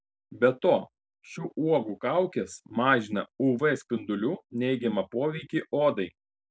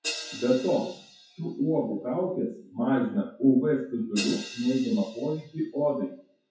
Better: first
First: none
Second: noise reduction (classical method WPE with log-MMSE)

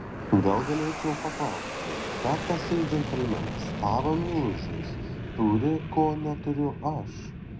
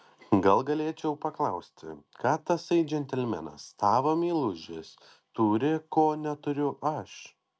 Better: second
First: background sound (Fixed-wing aircraft, airplane); 6 dB below the speech // room echo; dies away in 0.4 s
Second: none

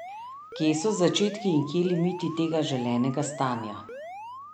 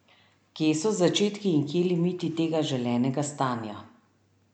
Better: second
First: background sound (Alarm); 13 dB below the speech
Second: none

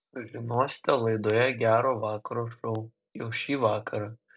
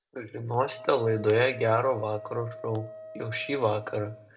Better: first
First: none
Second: background sound (Wind instrument, woodwind instrument); 16 dB below the speech // room echo; dies away in 0.7 s

